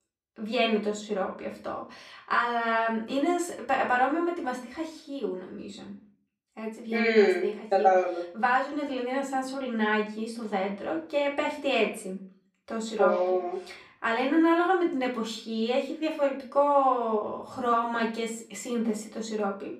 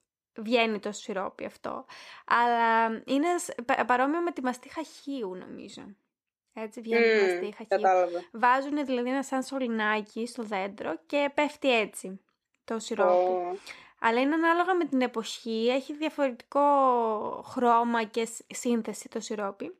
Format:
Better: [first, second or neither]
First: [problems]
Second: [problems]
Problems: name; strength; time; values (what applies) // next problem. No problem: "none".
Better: second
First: off-mic speech; far // room echo; slight; dies away in 0.4 s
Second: none